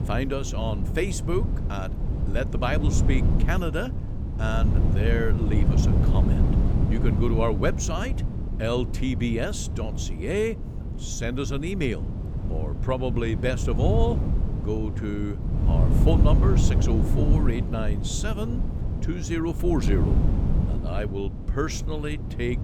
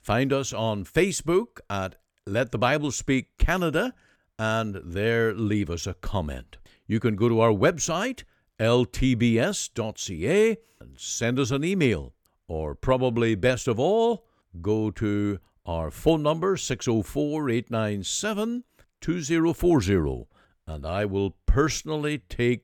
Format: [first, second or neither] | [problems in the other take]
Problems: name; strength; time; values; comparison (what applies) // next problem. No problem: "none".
second | wind noise on the microphone; heavy; 6 dB below the speech